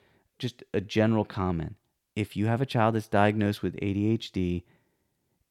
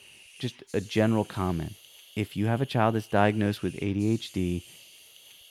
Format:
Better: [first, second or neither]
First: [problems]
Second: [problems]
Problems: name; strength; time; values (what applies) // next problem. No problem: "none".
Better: first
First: none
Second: hiss; faint; throughout; 20 dB below the speech